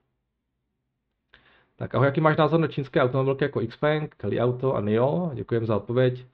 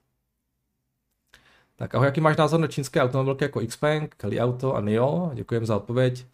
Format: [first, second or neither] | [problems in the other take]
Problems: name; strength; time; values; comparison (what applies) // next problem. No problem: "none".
second | muffled; slightly; fading above 3.5 kHz